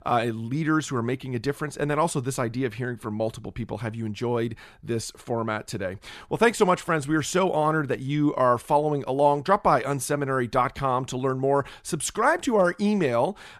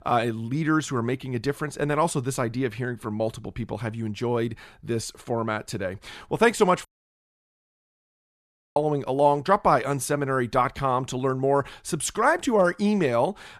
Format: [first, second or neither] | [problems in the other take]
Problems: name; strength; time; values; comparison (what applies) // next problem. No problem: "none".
first | audio cutting out; at 7 s for 2 s